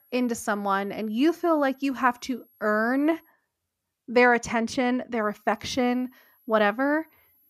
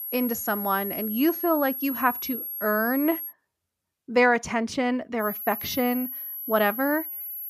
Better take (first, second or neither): first